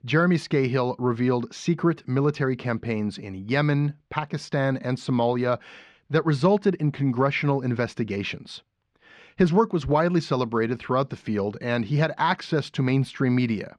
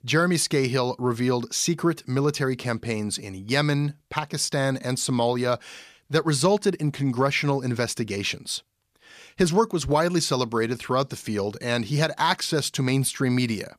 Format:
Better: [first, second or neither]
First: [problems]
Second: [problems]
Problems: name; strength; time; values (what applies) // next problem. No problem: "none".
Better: second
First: muffled; slightly; fading above 2.5 kHz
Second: none